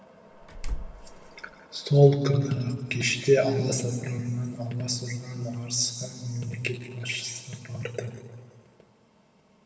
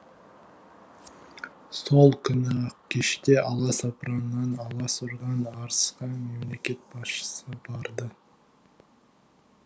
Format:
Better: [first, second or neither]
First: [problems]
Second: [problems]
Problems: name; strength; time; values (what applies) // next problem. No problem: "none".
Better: second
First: background sound (Slam); 8 dB below the speech // room echo; dies away in 1.9 s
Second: none